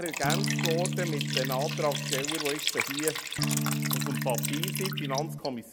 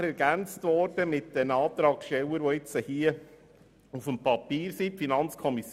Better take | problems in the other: second | background sound (Liquid + Electric guitar / Strum); 3 dB above the speech

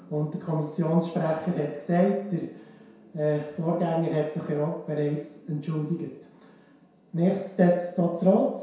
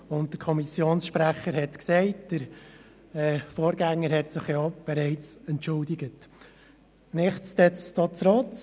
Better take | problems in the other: second | room echo; dies away in 0.7 s

